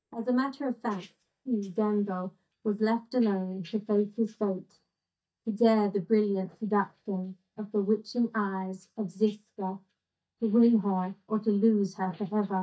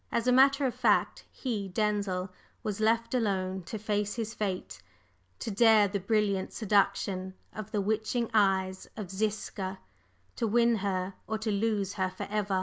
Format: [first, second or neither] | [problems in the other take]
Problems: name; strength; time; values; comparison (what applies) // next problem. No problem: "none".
second | noise reduction (neural mask model DeepFilterNet 3)